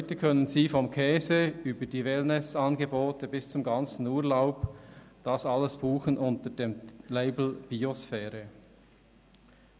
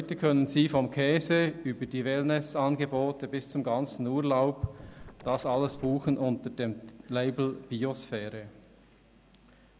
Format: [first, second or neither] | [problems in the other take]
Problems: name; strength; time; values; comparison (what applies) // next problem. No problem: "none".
first | background sound (Scratching (performance technique)); 19 dB below the speech